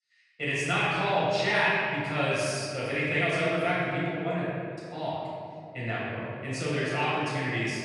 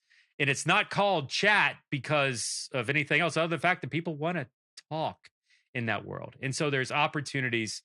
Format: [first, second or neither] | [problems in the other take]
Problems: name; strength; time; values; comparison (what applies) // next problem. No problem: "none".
second | off-mic speech; far // room echo; strong; dies away in 2.1 s